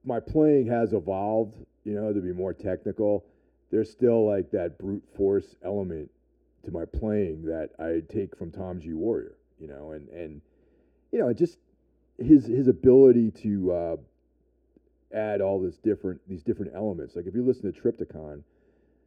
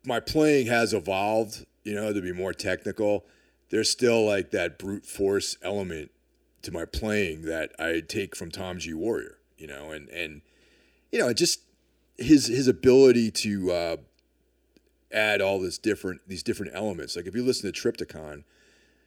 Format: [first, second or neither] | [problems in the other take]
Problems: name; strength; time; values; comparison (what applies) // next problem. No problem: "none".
second | muffled; very; fading above 1.5 kHz